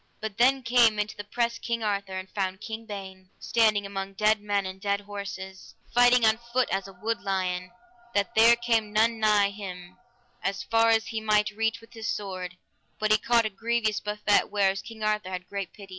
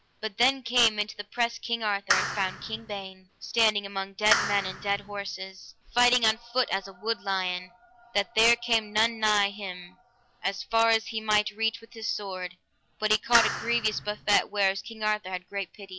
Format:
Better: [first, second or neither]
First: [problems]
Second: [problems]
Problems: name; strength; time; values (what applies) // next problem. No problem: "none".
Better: first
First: none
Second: background sound (Clapping); 3 dB below the speech